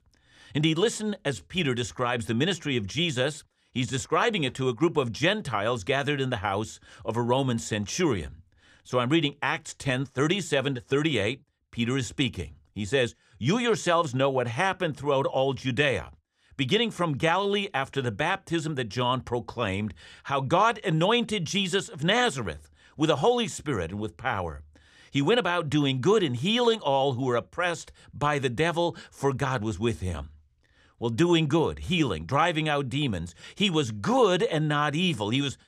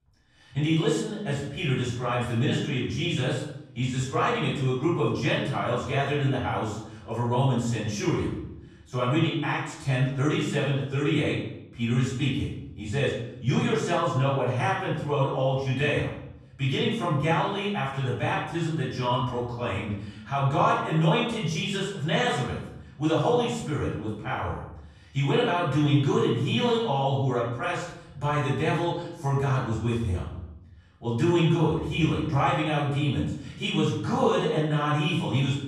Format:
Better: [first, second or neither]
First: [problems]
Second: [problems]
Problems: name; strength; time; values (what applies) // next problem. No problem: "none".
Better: first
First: none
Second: off-mic speech; far // room echo; noticeable; dies away in 0.8 s